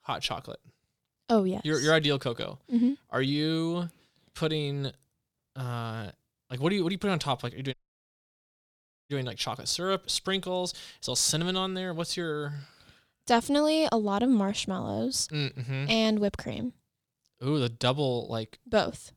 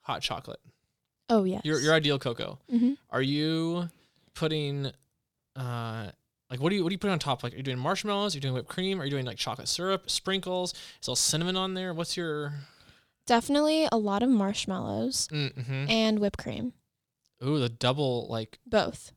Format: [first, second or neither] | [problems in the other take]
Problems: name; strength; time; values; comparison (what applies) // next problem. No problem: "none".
second | audio cutting out; at 7.5 s for 1.5 s